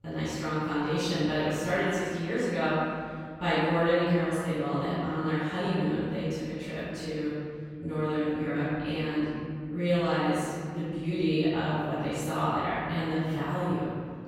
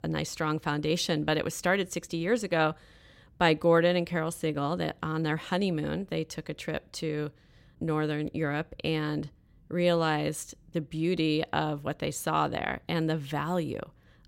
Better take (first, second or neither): second